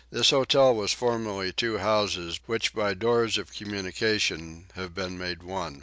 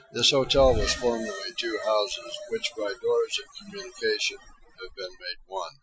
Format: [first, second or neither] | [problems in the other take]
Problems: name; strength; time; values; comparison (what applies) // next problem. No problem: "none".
first | noise reduction (classical method Wiener filter)